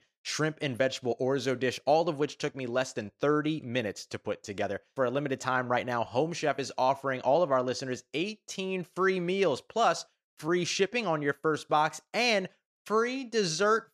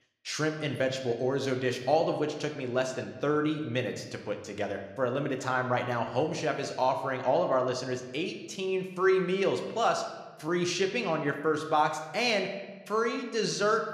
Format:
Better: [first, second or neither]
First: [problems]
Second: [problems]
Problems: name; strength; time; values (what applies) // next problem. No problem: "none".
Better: first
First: none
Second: room echo; slight; dies away in 1 s